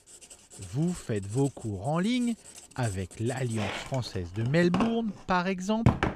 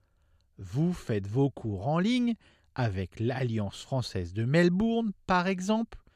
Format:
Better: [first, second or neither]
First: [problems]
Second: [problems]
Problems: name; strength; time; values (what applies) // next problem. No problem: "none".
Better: second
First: household noises; loud; throughout; 6 dB below the speech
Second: none